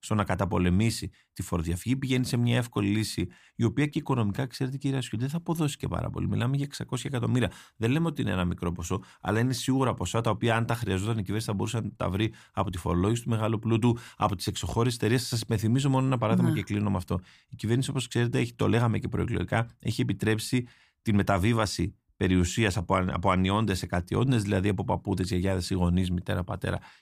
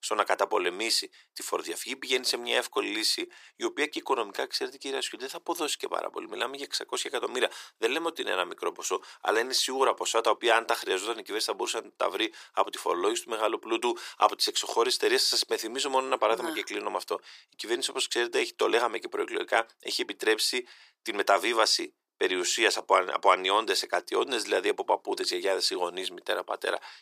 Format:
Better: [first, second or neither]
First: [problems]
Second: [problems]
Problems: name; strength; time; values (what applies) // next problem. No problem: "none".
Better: first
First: none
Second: thin; very; fading below 400 Hz